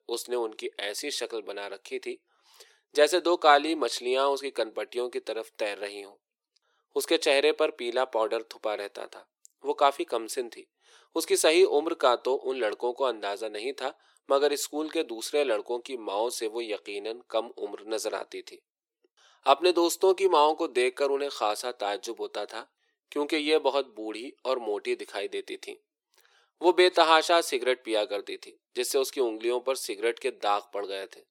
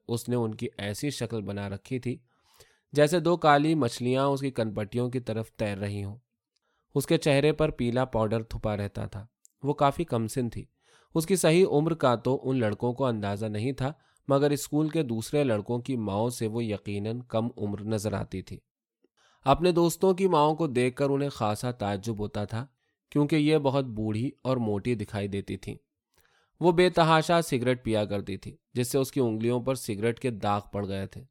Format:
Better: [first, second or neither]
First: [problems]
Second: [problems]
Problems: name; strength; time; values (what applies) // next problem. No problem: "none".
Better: second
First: thin; very; fading below 350 Hz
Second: none